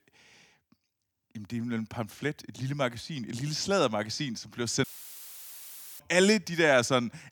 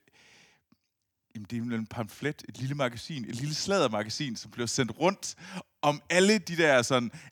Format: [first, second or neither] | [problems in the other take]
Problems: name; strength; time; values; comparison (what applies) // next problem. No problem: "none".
second | audio cutting out; filled with static; at 5 s for 1 s